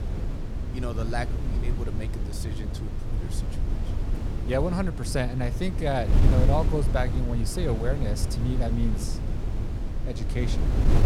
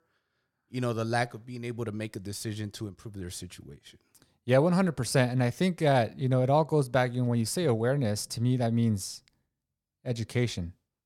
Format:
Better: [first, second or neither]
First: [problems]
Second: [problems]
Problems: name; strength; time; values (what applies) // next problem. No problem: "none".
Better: second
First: wind noise on the microphone; heavy; 7 dB below the speech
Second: none